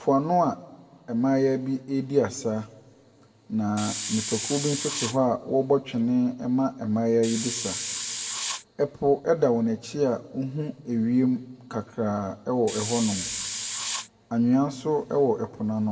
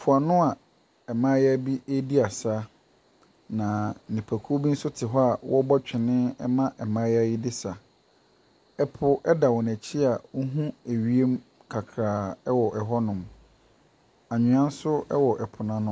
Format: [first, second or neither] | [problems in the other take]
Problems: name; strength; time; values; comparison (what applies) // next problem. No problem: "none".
second | background sound (Hiss); 6 dB below the speech // room echo; dies away in 1.2 s